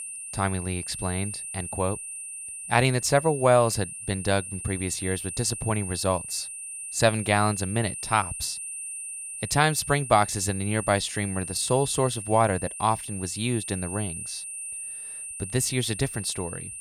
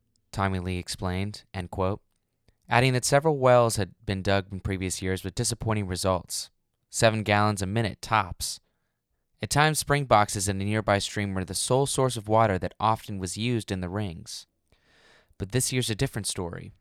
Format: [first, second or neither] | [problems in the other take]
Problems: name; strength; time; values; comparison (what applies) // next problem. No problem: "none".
second | high-pitched whine; loud; throughout; 9 kHz, 8 dB below the speech